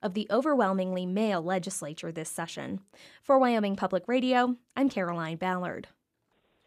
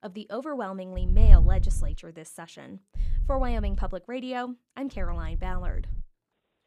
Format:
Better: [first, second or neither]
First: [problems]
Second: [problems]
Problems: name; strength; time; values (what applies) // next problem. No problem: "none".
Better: first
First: none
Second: wind noise on the microphone; occasional gusts; at 1 s, at 3 s and from 5 to 6 s; 10 dB below the speech